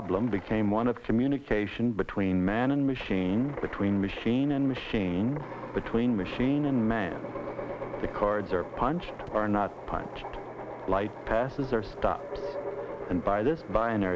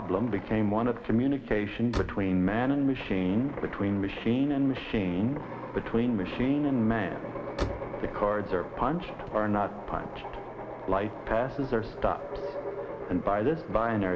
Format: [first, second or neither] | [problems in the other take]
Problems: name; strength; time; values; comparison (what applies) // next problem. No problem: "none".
first | background sound (Slam); 10 dB below the speech // room echo; dies away in 2.9 s